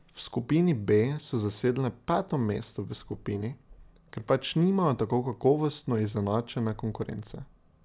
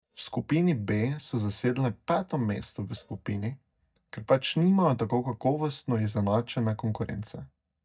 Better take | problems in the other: first | noise reduction (neural mask model DeepFilterNet 3)

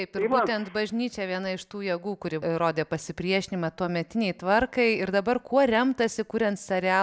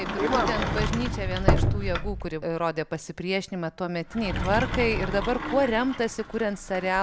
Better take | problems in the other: first | background sound (Sliding door); 1 dB below the speech

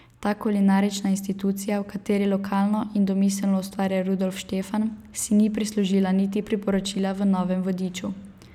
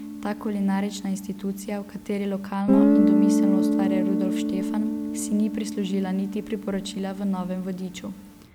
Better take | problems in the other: first | background sound (Guitar); 2 dB above the speech

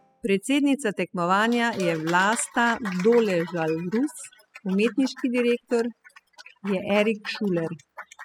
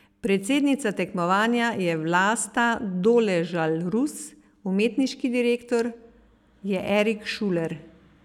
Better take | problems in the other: second | noise reduction (classical method spectral subtraction)

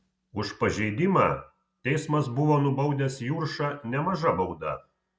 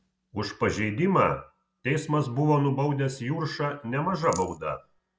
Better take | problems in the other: first | background sound (Rattle); 18 dB below the speech

